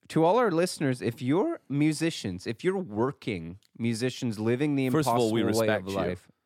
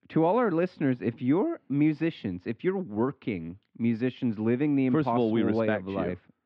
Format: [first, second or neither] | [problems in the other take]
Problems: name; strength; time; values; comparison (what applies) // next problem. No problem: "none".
first | muffled; very; fading above 3 kHz